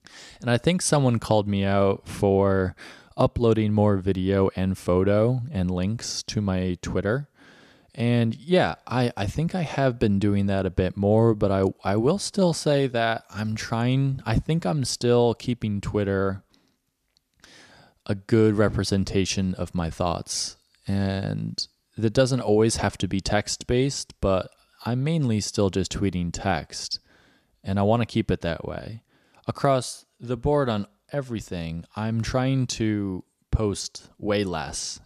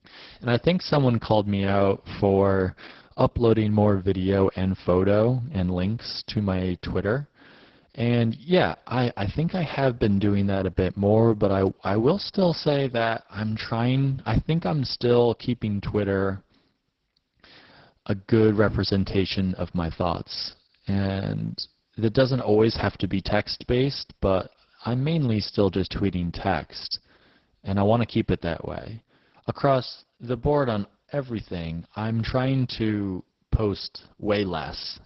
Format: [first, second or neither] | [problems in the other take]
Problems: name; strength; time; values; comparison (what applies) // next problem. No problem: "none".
first | garbled, watery; badly; nothing above 5.5 kHz